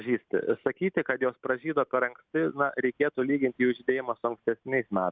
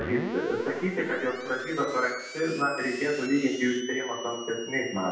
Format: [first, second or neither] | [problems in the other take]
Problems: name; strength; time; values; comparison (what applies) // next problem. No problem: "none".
first | background sound (Screech); 11 dB below the speech // room echo; dies away in 0.9 s